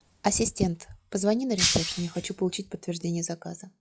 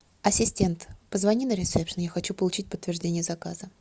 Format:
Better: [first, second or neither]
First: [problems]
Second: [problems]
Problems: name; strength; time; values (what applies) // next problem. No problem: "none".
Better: second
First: noise reduction (classical method log-MMSE)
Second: none